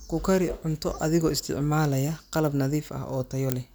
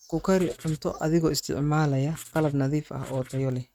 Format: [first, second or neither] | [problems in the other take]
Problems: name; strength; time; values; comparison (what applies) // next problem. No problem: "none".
first | noise reduction (neural mask model RNNoise)